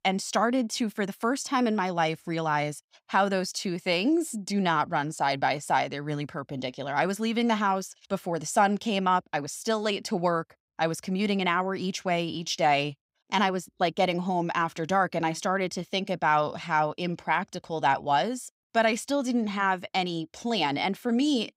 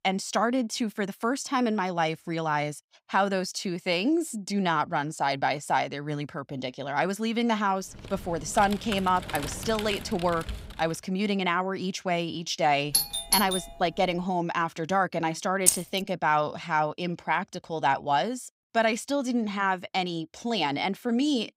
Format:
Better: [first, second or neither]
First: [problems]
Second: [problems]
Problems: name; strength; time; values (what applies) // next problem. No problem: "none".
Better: first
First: none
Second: keyboard typing; noticeable; from 8 to 11 s; peak 8 dB below the speech // doorbell; loud; at 13 s; peak 3 dB above the speech // jangling keys; loud; at 16 s; peak 5 dB above the speech